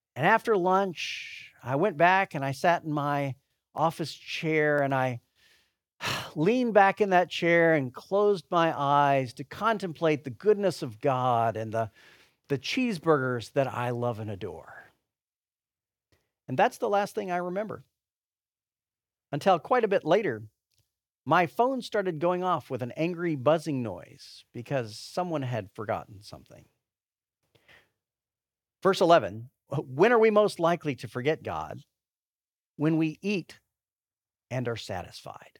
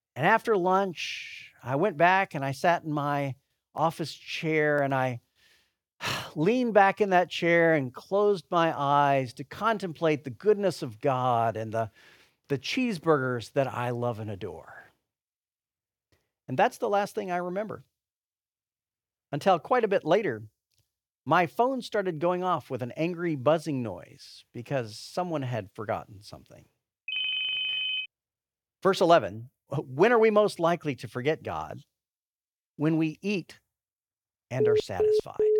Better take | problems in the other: first | phone ringing; loud; at 27 s and from 35 s on; peak 1 dB above the speech

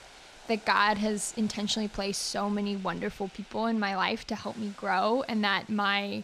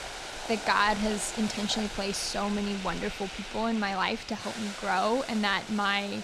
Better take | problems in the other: first | household noises; loud; throughout; 8 dB below the speech; faint in the first

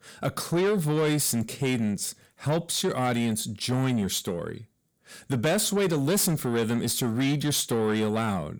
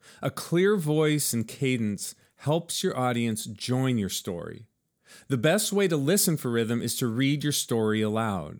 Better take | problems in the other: second | distortion; slight; 10 dB below the speech

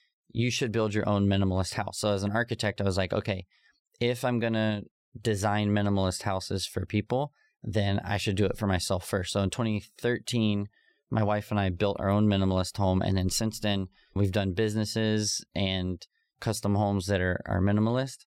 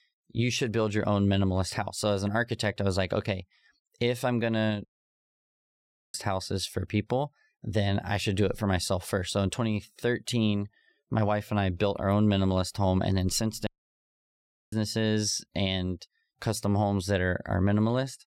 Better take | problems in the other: first | audio cutting out; at 5 s for 1.5 s and at 14 s for 1 s

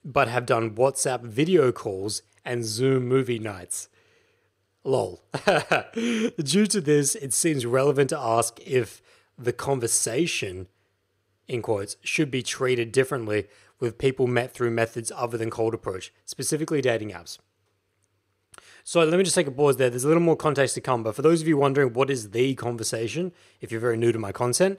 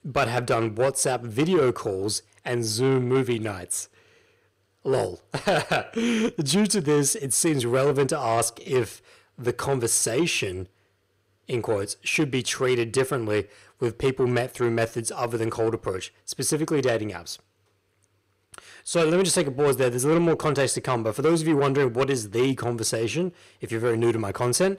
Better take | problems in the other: first | distortion; slight; 10 dB below the speech

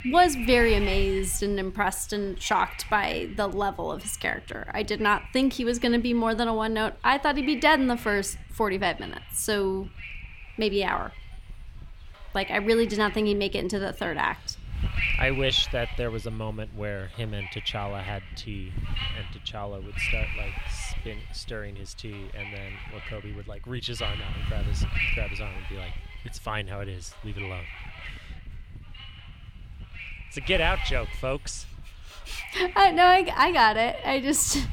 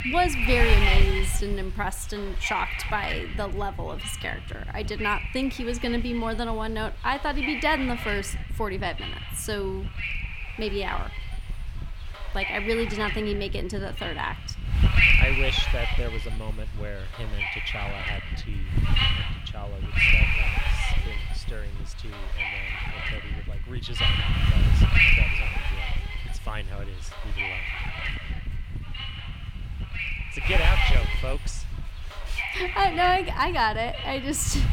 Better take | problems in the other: first | wind noise on the microphone; heavy; 2 dB above the speech; occasional gusts in the first

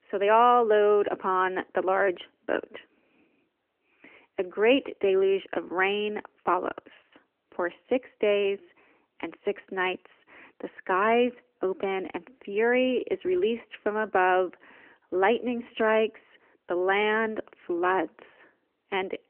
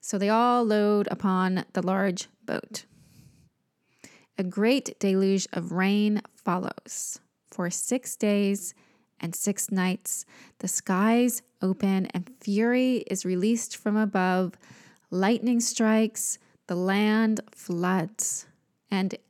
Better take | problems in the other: second | phone-call audio; nothing above 3 kHz

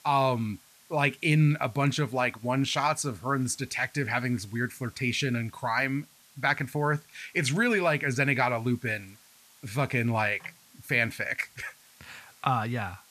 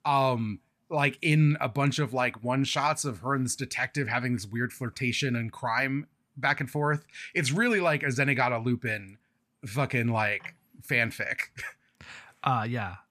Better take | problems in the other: second | hiss; faint; throughout; 25 dB below the speech

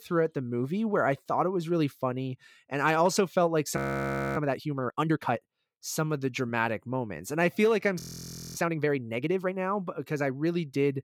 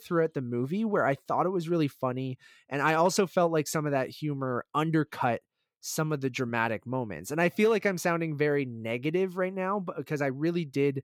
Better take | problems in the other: second | audio freezing; at 4 s for 0.5 s and at 8 s for 0.5 s

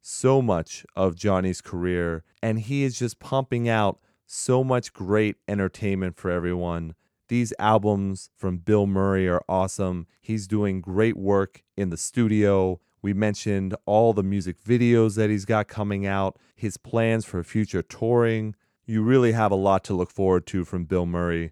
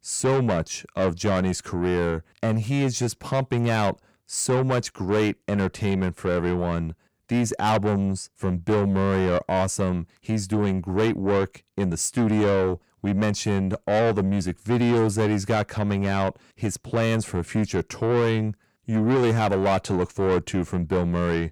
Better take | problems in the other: first | distortion; heavy; 7 dB below the speech

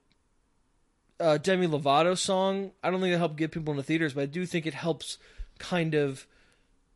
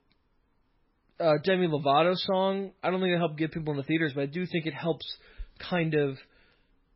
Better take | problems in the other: first | garbled, watery; badly; nothing above 5.5 kHz; slightly in the first

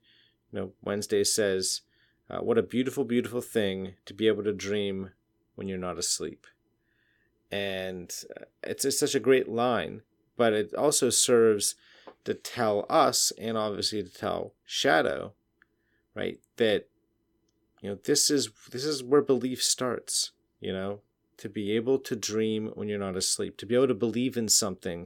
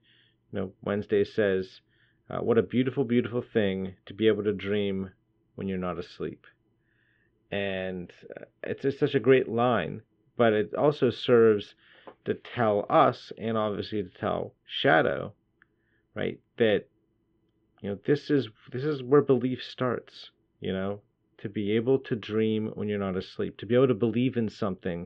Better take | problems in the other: first | muffled; very; fading above 3 kHz

